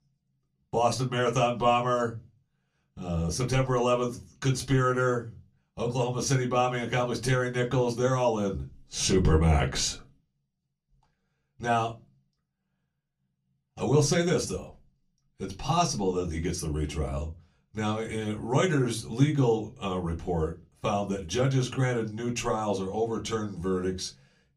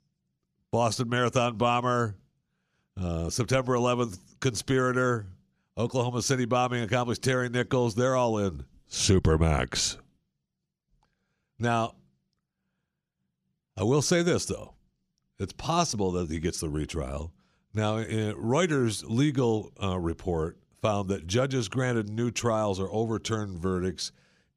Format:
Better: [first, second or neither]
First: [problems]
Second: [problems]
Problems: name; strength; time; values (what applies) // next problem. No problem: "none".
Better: second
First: off-mic speech; somewhat distant // room echo; very slight; dies away in 0.2 s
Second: none